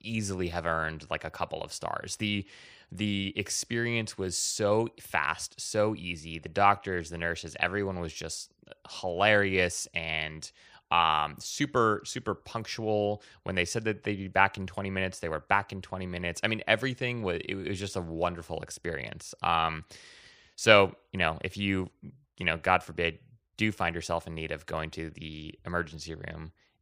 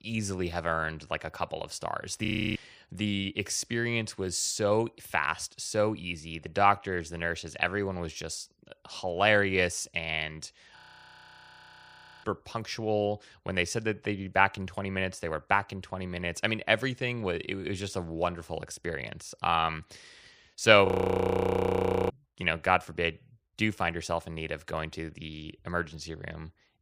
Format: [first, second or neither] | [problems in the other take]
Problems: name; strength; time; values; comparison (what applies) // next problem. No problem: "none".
first | audio freezing; at 2.5 s, at 11 s for 1.5 s and at 21 s for 1 s